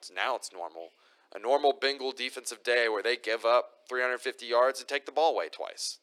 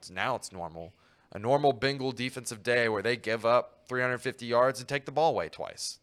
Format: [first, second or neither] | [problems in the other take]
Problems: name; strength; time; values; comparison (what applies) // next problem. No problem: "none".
second | thin; somewhat; fading below 300 Hz